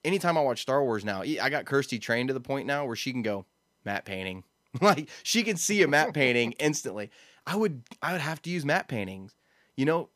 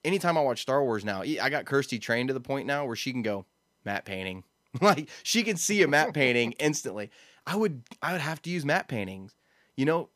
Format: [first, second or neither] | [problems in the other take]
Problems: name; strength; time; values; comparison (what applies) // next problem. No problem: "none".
neither | none